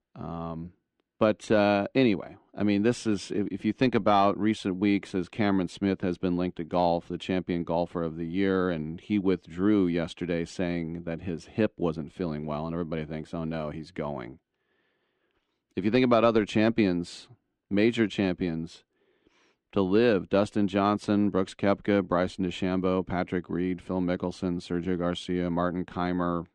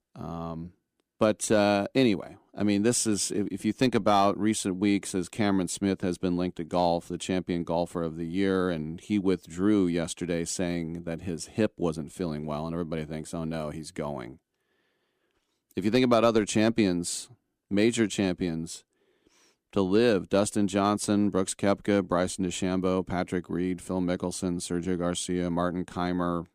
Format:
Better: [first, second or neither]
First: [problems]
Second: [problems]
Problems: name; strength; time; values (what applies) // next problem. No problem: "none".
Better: second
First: muffled; slightly; fading above 3 kHz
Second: none